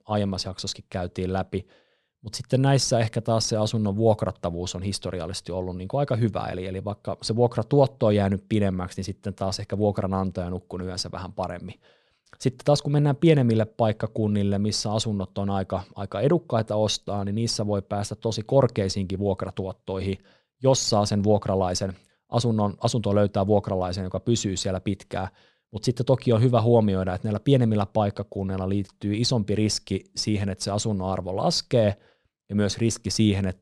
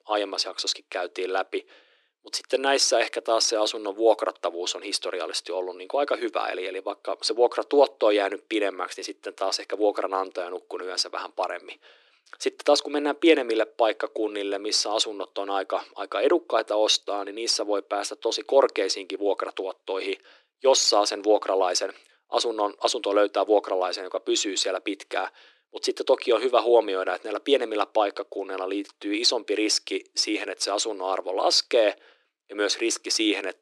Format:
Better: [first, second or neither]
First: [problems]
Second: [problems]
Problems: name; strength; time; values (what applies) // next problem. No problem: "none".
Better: first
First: none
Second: thin; very; fading below 300 Hz